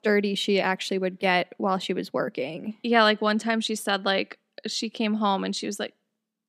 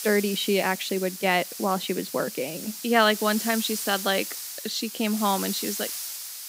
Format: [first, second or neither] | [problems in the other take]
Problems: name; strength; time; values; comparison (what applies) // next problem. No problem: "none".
first | hiss; loud; throughout; 7 dB below the speech